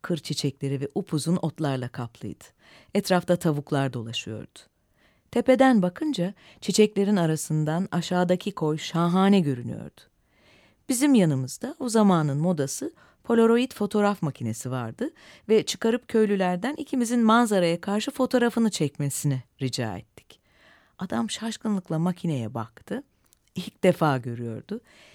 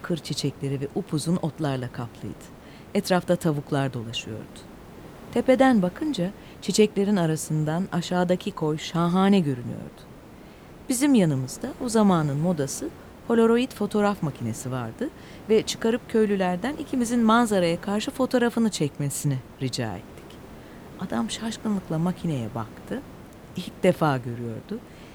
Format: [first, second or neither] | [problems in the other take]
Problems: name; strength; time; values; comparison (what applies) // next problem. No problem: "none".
first | hiss; noticeable; throughout; 20 dB below the speech